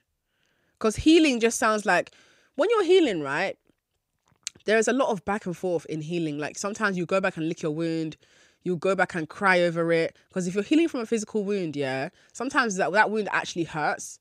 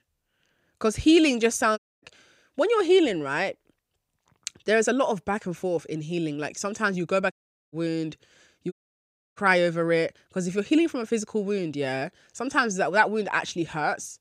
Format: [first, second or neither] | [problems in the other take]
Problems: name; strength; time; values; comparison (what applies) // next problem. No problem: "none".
first | audio cutting out; at 2 s, at 7.5 s and at 8.5 s for 0.5 s